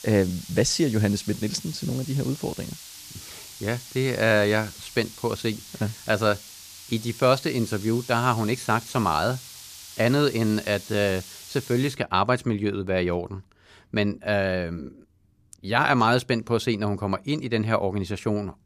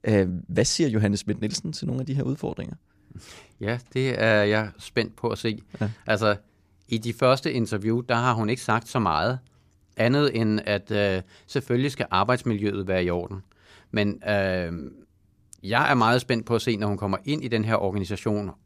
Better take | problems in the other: second | hiss; noticeable; until 12 s; 15 dB below the speech

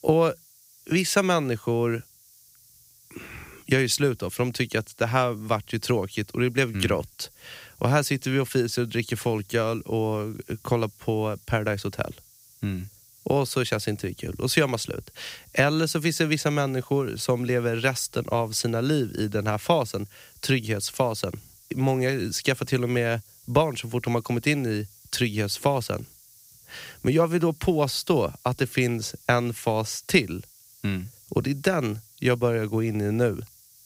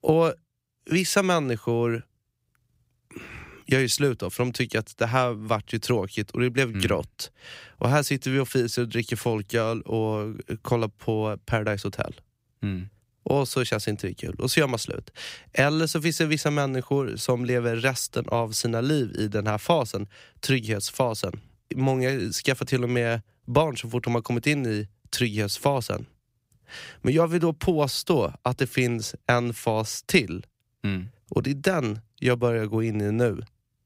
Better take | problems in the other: second | hiss; faint; throughout; 25 dB below the speech

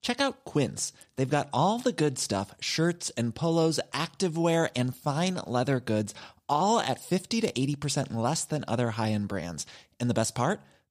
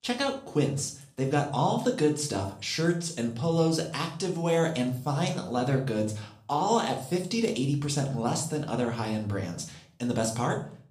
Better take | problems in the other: first | room echo; slight; dies away in 0.4 s // off-mic speech; somewhat distant

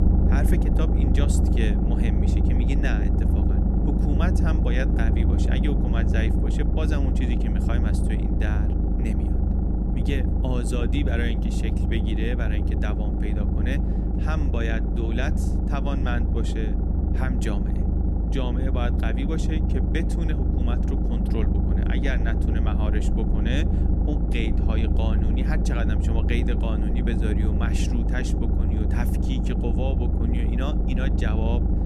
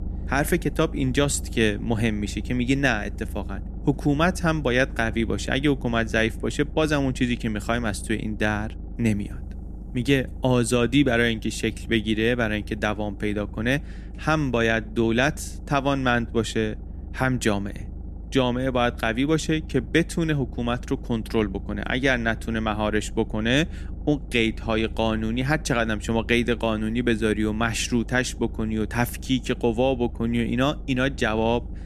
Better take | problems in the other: second | low rumble; loud; throughout; 1 dB below the speech; faint in the second

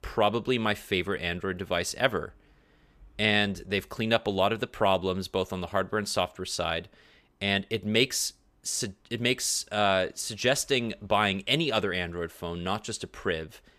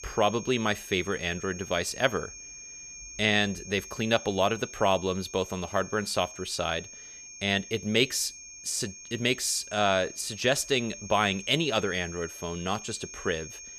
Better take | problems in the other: first | high-pitched whine; noticeable; throughout; 6.5 kHz, 15 dB below the speech

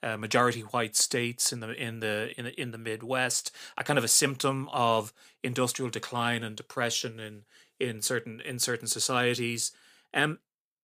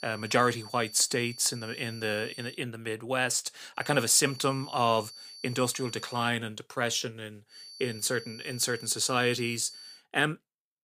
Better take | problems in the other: first | high-pitched whine; noticeable; until 2.5 s, from 4 to 6.5 s and from 7.5 to 10 s; 4.5 kHz, 15 dB below the speech

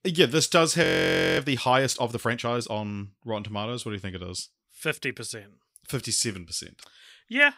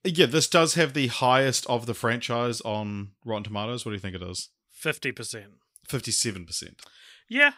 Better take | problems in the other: second | audio freezing; at 1 s for 0.5 s

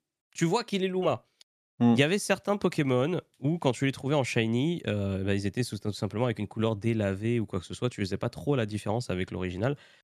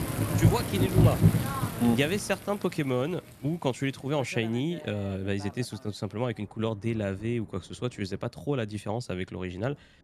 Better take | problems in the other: first | rain or running water; very loud; throughout; 5 dB above the speech

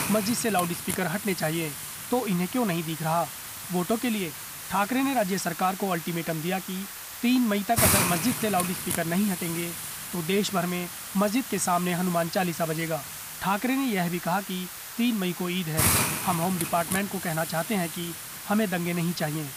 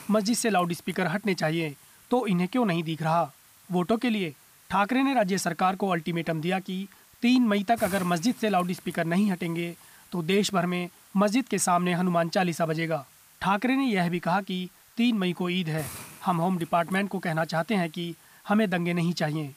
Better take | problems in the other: second | hiss; loud; throughout; 3 dB below the speech; faint in the second

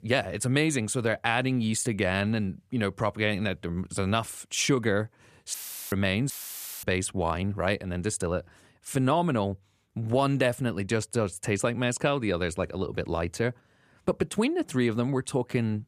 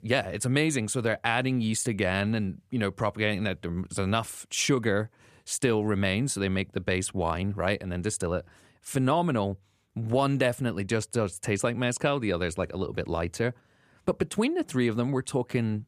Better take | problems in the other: second | audio cutting out; filled with static; at 5.5 s and at 6.5 s for 0.5 s

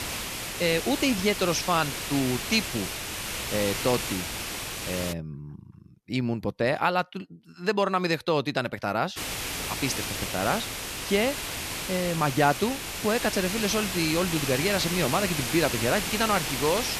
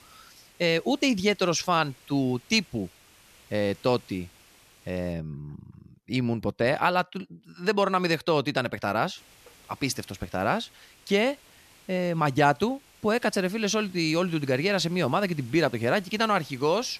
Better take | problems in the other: second | hiss; loud; until 5 s and from 9 s on; 3 dB below the speech; faint in the second

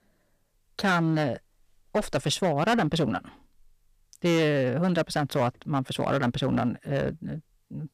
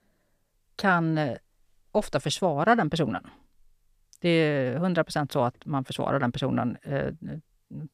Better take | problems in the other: second | distortion; slight; 7% of the sound clipped

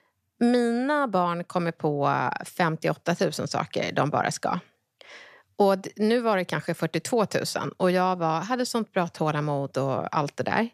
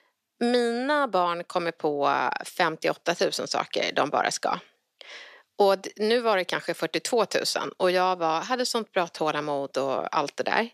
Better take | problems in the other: first | thin; very slightly; fading below 350 Hz

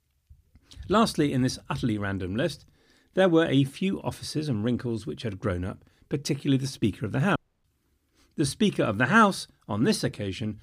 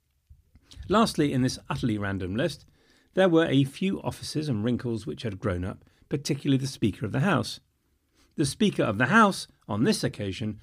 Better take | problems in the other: second | audio cutting out; at 7.5 s

